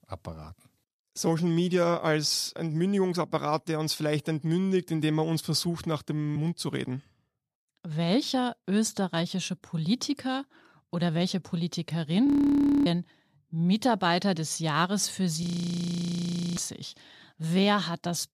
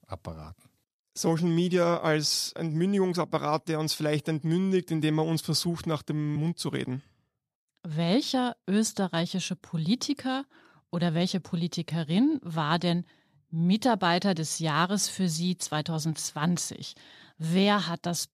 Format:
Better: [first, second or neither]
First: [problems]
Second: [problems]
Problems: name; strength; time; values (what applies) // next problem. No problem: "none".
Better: second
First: audio freezing; at 12 s for 0.5 s and at 15 s for 1 s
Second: none